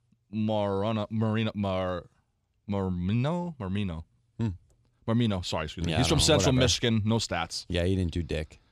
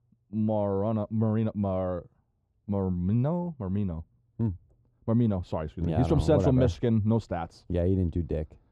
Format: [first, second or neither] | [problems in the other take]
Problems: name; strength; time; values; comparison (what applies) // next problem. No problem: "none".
first | muffled; very; fading above 1.5 kHz